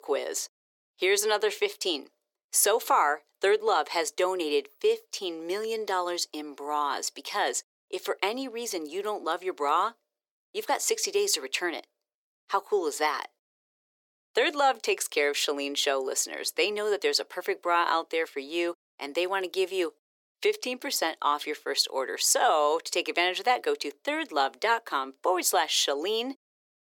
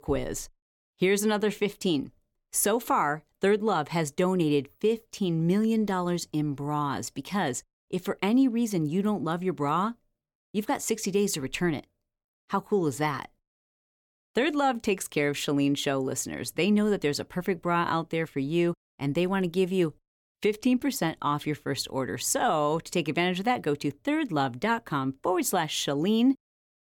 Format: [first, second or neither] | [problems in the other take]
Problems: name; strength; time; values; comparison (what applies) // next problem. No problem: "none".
second | thin; very; fading below 400 Hz